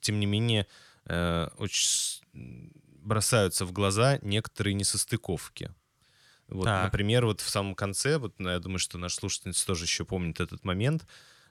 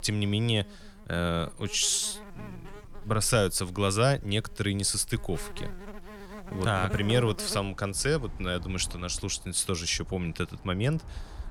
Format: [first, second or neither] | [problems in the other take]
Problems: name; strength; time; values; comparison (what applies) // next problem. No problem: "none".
first | animal sounds; noticeable; throughout; 15 dB below the speech